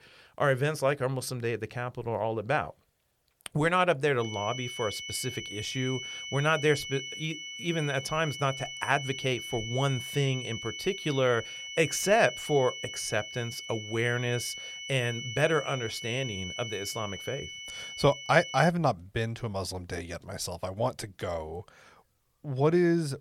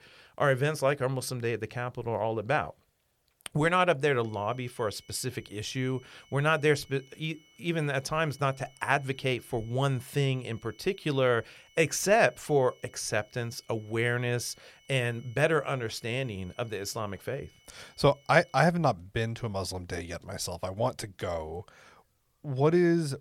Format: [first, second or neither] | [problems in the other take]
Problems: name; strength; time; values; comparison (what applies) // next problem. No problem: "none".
second | high-pitched whine; loud; from 4 to 19 s; 3 kHz, 8 dB below the speech; faint in the second